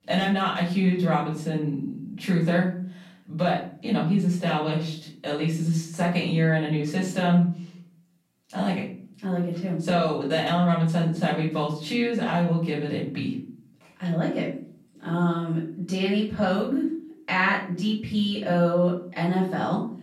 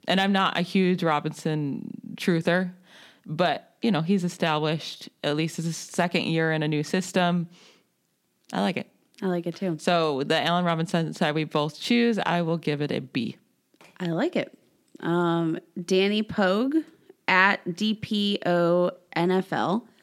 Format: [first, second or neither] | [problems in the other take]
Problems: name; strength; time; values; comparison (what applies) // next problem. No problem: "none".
second | off-mic speech; far // room echo; noticeable; dies away in 0.5 s